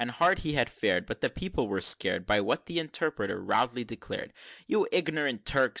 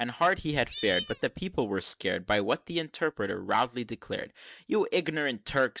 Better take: first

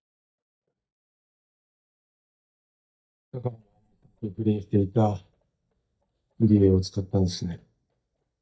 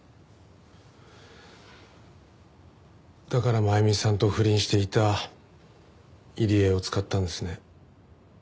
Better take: second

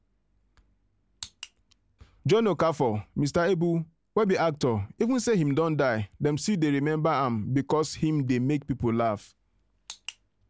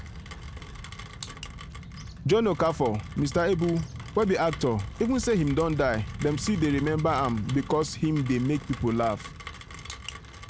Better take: first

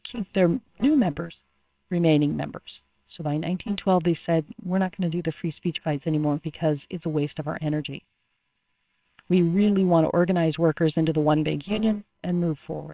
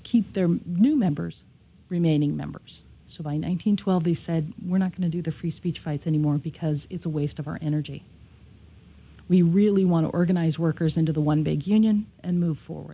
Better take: second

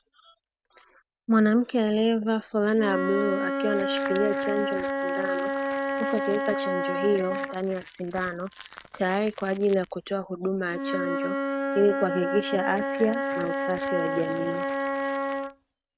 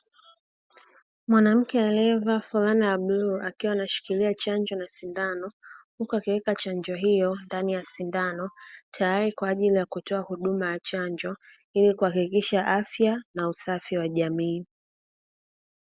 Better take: second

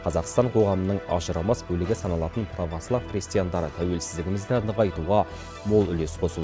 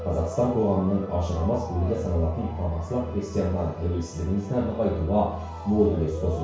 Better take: first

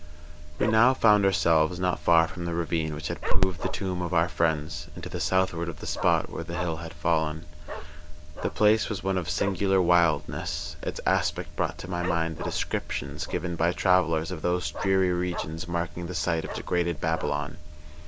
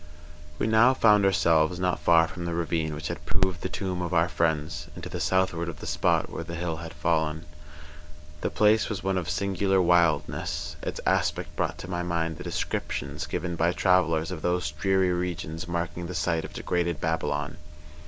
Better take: second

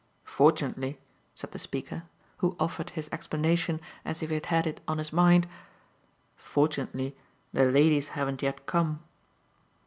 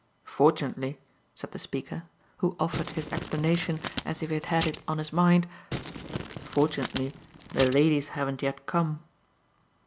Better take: first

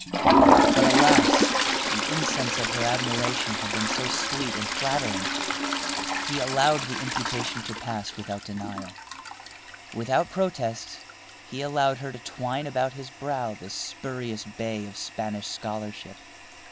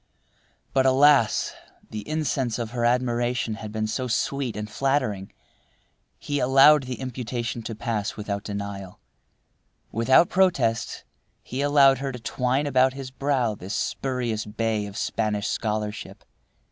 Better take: second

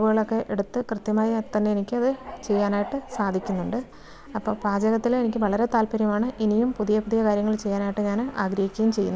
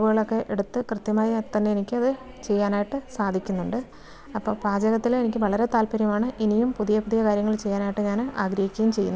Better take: second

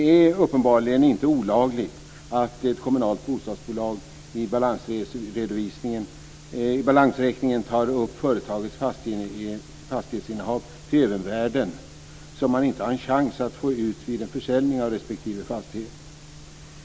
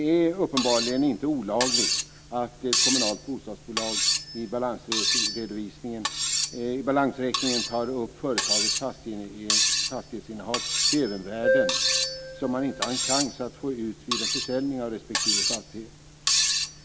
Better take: first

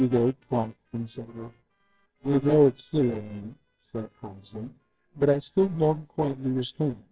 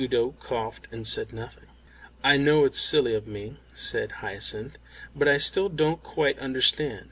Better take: second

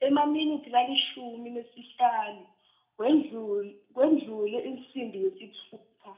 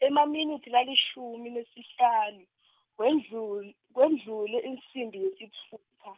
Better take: second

